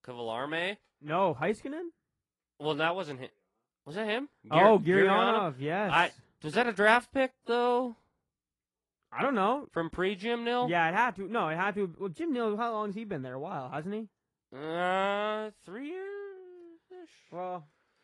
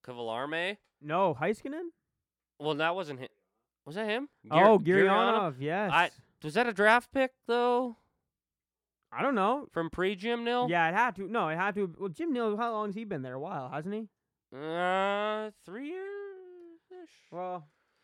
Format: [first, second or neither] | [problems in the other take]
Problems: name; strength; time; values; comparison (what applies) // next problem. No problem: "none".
second | garbled, watery; slightly